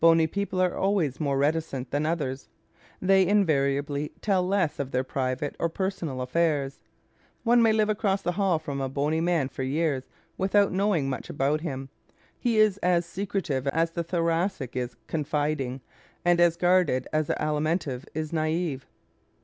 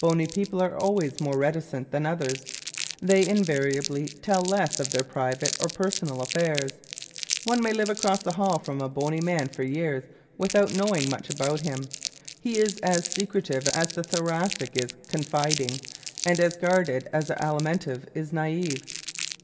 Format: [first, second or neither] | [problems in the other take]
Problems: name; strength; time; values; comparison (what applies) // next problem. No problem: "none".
first | background sound (Crumpling, crinkling); 10 dB below the speech // room echo; dies away in 1.7 s